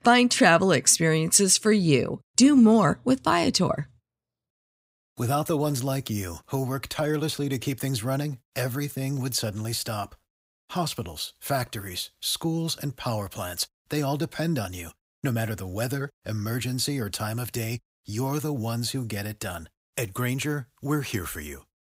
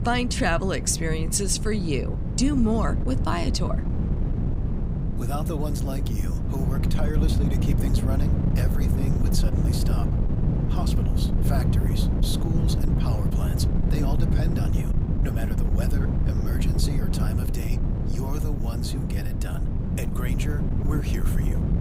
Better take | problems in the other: first | wind noise on the microphone; heavy; 4 dB below the speech

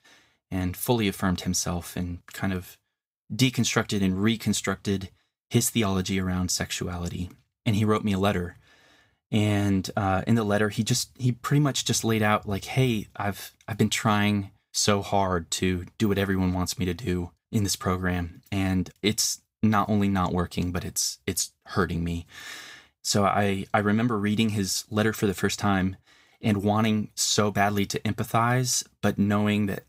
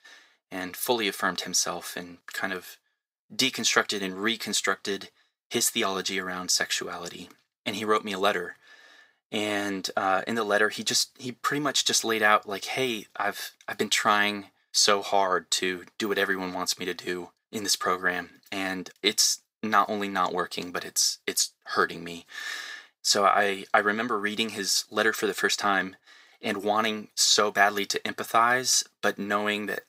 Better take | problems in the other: first | thin; somewhat; fading below 450 Hz

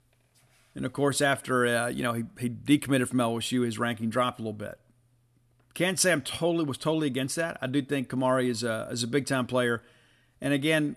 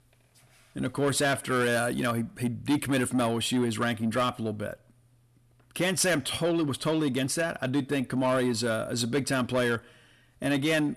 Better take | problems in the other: first | distortion; slight; 10 dB below the speech

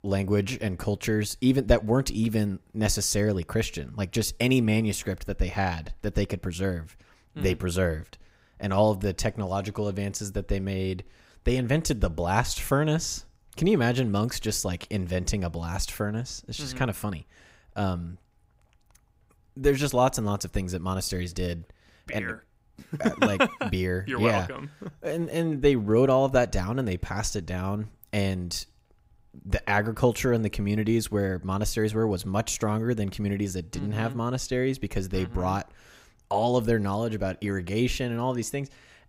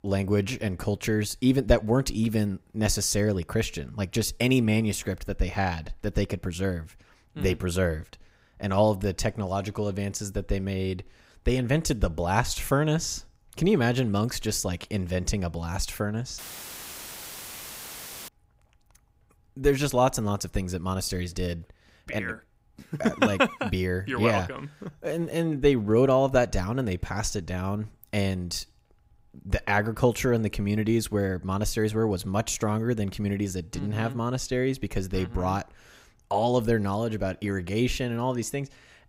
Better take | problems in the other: first | audio cutting out; filled with static; at 16 s for 2 s

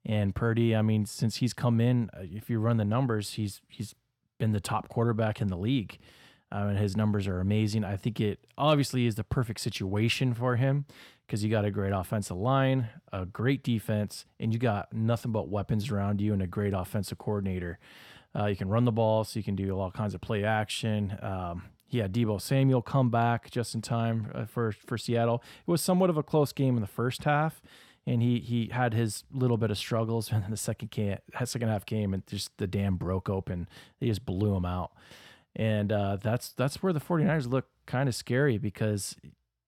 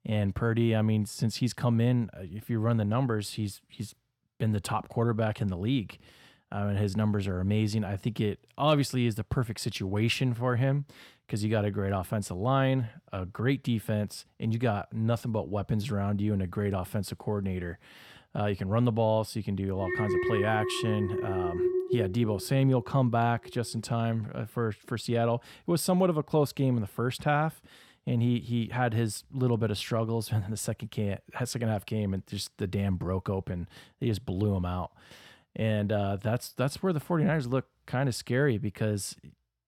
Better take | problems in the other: first | alarm; loud; from 20 to 22 s; peak 1 dB above the speech

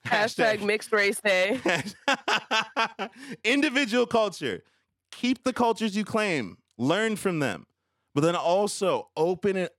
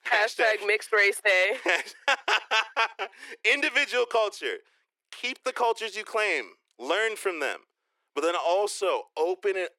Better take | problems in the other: first | thin; very; fading below 350 Hz

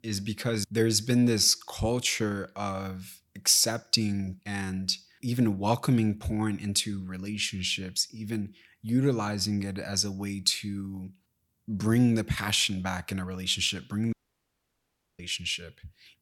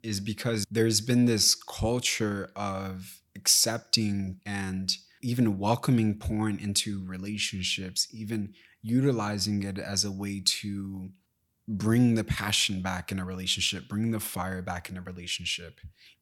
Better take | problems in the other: second | audio cutting out; at 14 s for 1 s

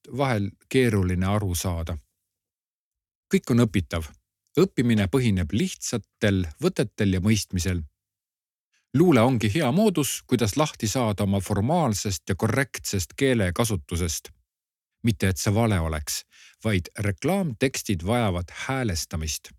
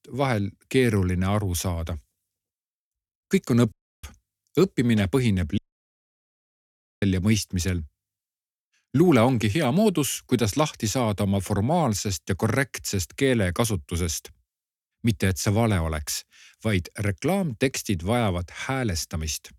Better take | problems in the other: first | audio cutting out; at 3.5 s and at 5.5 s for 1.5 s

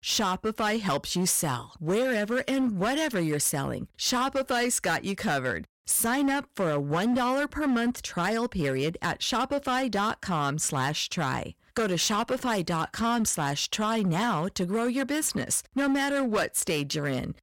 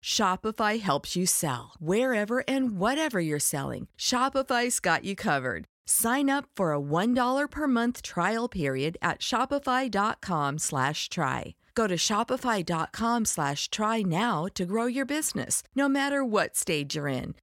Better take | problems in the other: second | distortion; slight; 13% of the sound clipped

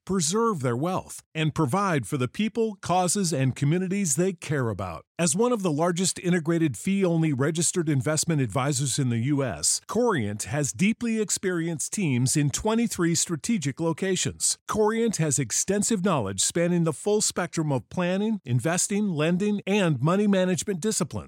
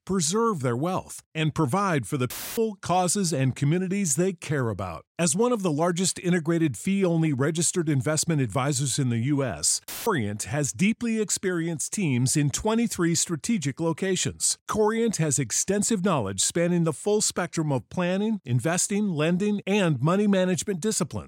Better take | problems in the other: first | audio cutting out; filled with static; at 2.5 s and at 10 s

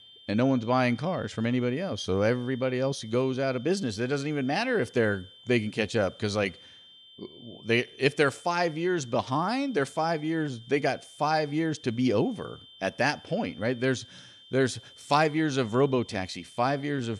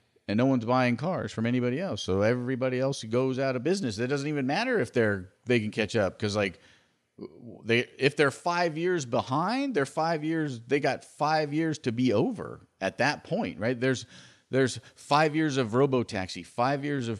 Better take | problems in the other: second | high-pitched whine; faint; throughout; 3 kHz, 20 dB below the speech

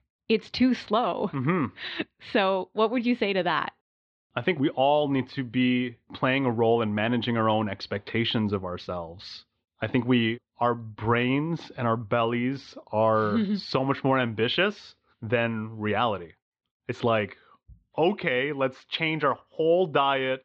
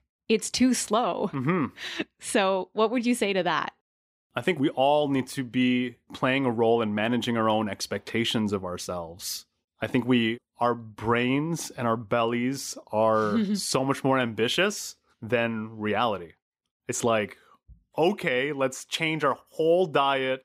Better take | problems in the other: second | muffled; slightly; fading above 4 kHz

